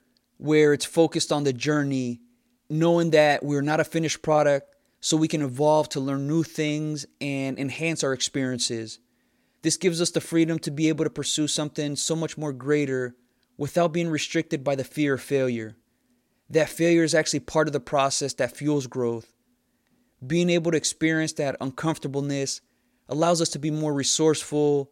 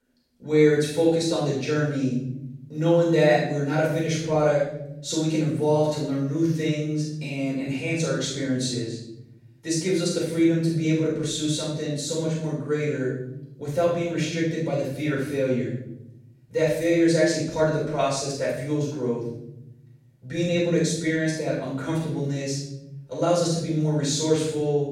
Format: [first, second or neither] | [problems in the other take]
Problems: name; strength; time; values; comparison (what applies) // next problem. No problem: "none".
first | off-mic speech; far // room echo; strong; dies away in 1.2 s